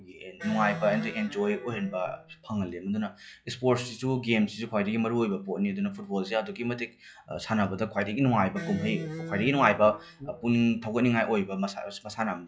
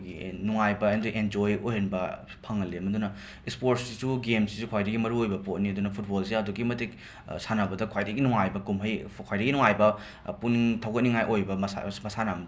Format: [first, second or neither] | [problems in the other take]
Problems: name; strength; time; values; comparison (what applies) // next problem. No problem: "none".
second | noise reduction (classical method log-MMSE)